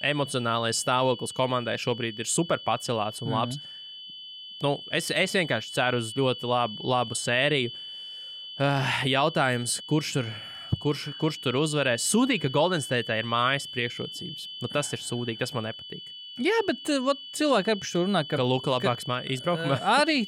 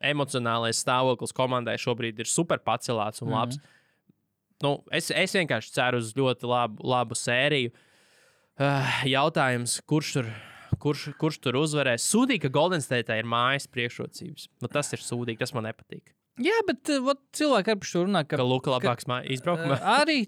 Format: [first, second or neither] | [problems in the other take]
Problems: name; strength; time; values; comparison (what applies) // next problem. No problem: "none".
second | high-pitched whine; noticeable; throughout; 3 kHz, 10 dB below the speech